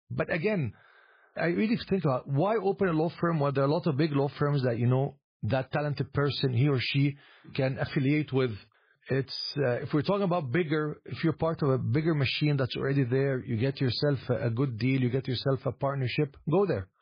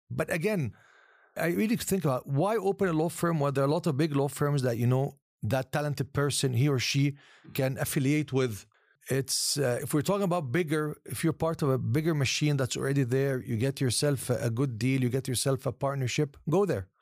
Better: second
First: garbled, watery; badly; nothing above 5 kHz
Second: none

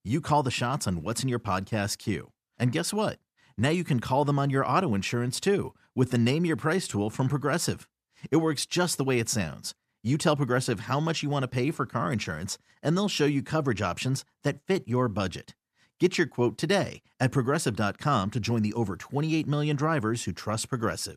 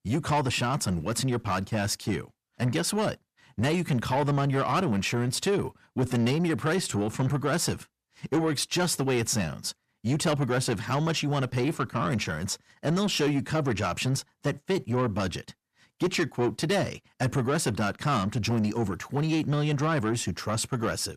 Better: first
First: none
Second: distortion; slight; 10 dB below the speech

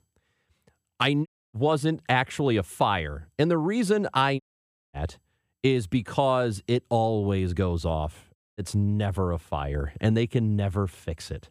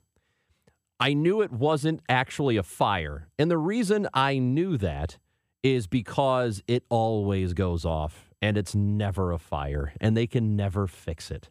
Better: second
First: audio cutting out; at 1.5 s, at 4.5 s for 0.5 s and at 8.5 s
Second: none

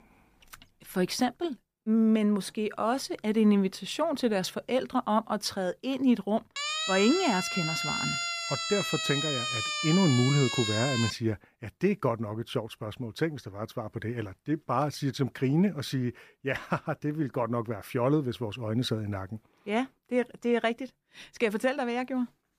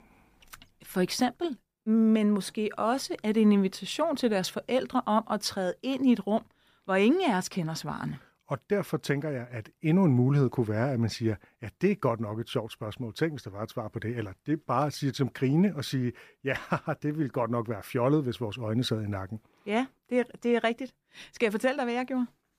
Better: second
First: siren; loud; from 6.5 to 11 s; peak level with the speech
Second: none

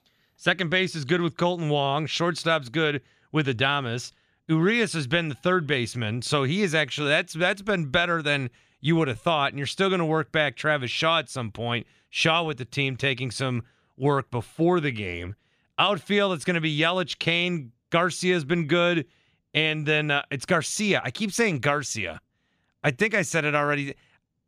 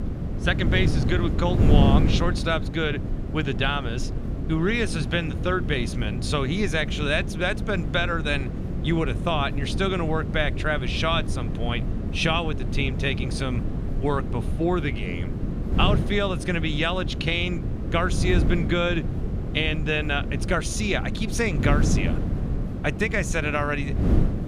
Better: first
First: none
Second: wind noise on the microphone; heavy; 9 dB below the speech

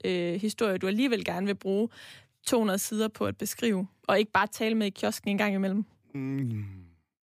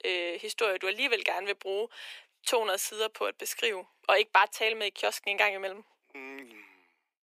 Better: first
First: none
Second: thin; very; fading below 400 Hz

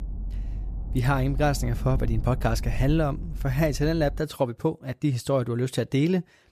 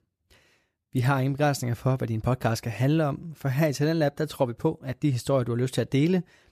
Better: second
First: low rumble; faint; until 4 s; 20 dB below the speech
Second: none

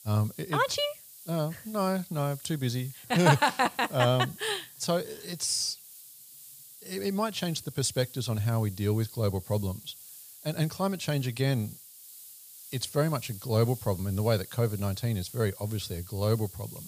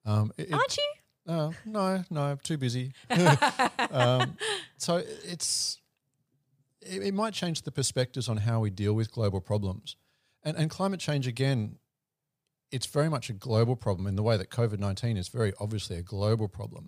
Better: second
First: hiss; noticeable; throughout; 15 dB below the speech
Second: none

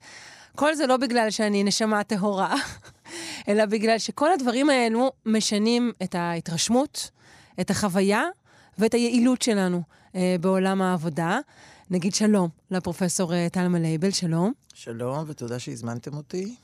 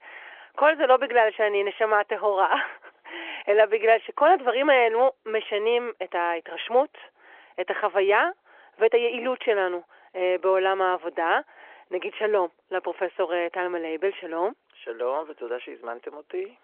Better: first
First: none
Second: phone-call audio

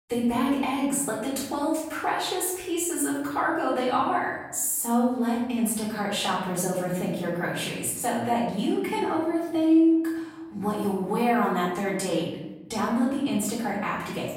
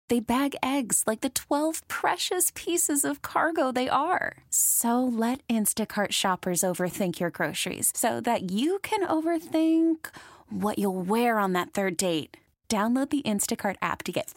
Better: second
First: off-mic speech; far // room echo; noticeable; dies away in 1 s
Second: none

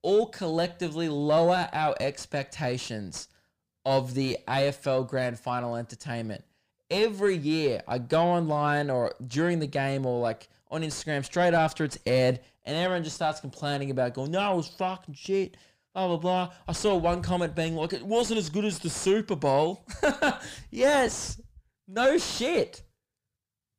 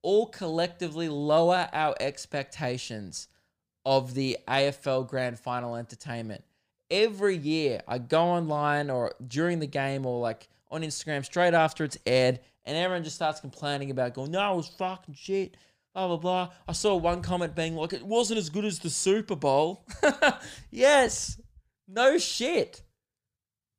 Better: second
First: distortion; slight; 10 dB below the speech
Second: none

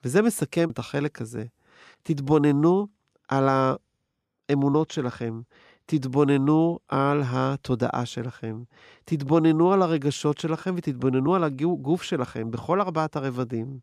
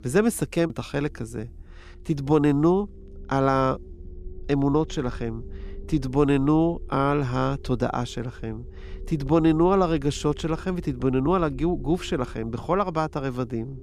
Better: first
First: none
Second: low rumble; faint; throughout; 25 dB below the speech

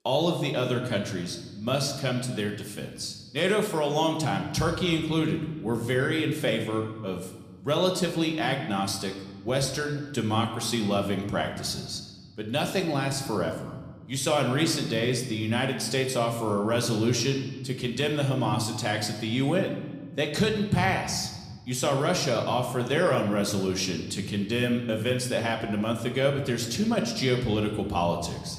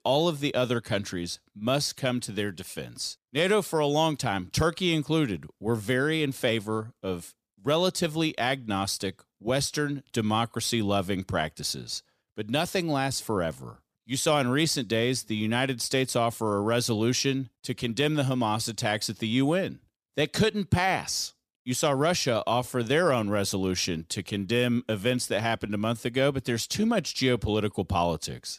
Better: second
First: room echo; slight; dies away in 1.1 s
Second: none

